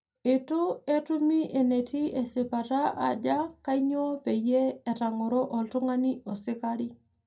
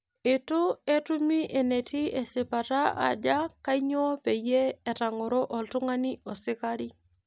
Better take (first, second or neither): second